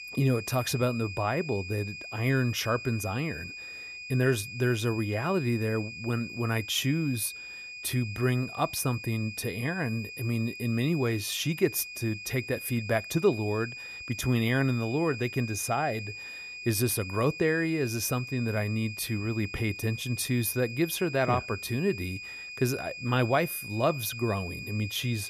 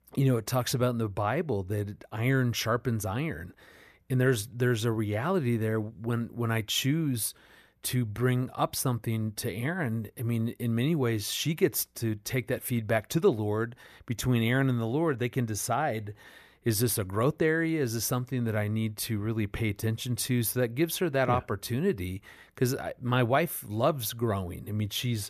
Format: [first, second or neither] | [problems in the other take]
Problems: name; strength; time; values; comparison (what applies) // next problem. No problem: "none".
second | high-pitched whine; loud; throughout; 2.5 kHz, 10 dB below the speech